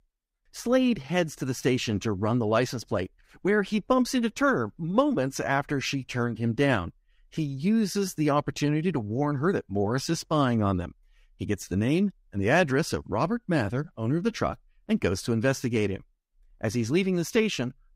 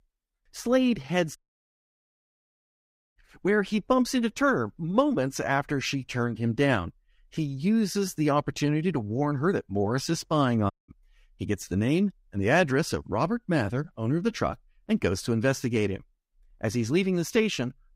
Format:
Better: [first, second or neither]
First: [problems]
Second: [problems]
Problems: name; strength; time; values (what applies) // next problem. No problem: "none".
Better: first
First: none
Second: audio cutting out; at 1.5 s for 2 s and at 11 s